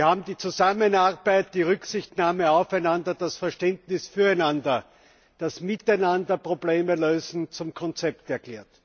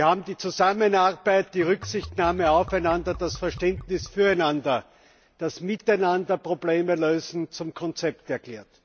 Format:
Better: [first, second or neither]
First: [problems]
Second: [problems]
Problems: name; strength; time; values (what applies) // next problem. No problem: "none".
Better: first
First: none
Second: background sound (Liquid); 15 dB below the speech